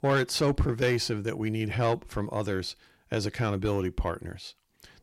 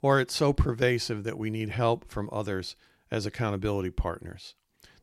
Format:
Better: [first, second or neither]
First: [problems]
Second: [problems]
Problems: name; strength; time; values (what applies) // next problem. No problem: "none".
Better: second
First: distortion; slight; 10 dB below the speech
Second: none